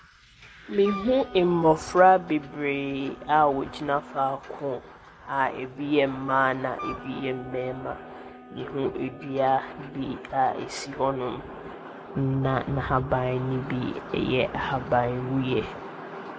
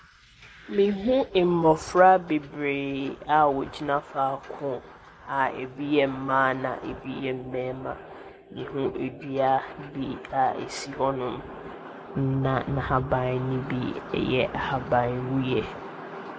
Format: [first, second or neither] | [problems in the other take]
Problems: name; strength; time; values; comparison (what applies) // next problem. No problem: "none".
second | background sound (Wind instrument, woodwind instrument); 17 dB below the speech